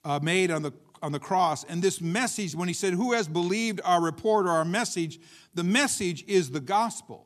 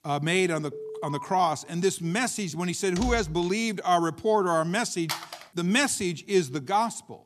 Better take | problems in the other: first | alarm; faint; at 0.5 s; peak 10 dB below the speech // door banging; noticeable; at 3 s; peak 9 dB below the speech // phone ringing; noticeable; at 5 s; peak 7 dB below the speech

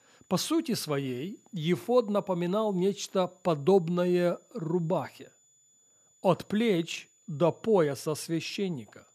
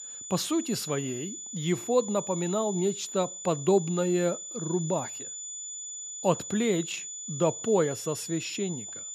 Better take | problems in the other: first | high-pitched whine; loud; throughout; 7 kHz, 8 dB below the speech; faint in the first

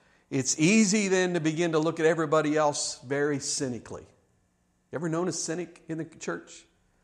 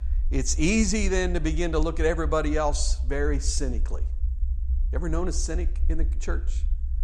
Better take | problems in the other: first | low rumble; faint; throughout; 25 dB below the speech

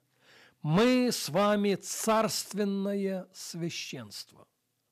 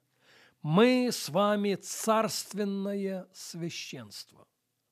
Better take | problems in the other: second | distortion; slight; 4% of the sound clipped

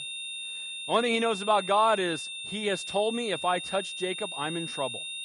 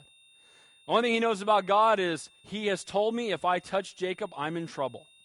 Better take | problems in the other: second | high-pitched whine; loud; throughout; 3.5 kHz, 6 dB below the speech; faint in the second

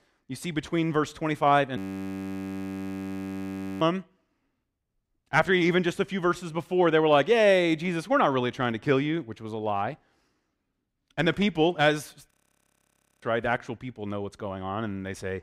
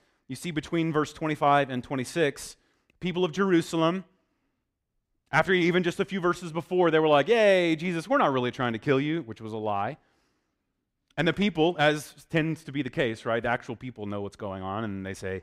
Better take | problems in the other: second | audio freezing; at 2 s for 2 s and at 12 s for 1 s

